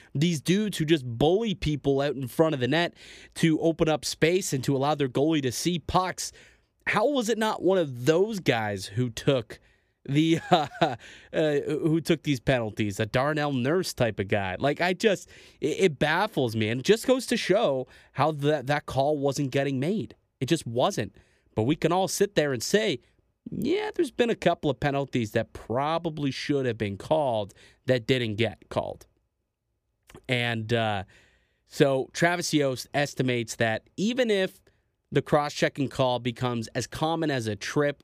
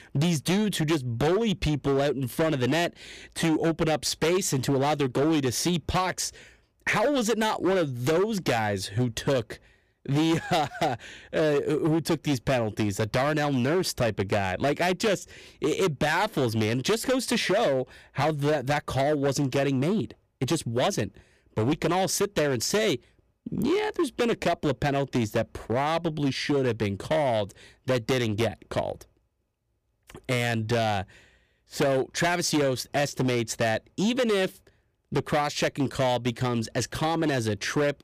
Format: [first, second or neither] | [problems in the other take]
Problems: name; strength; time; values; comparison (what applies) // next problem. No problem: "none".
first | distortion; heavy; 14% of the sound clipped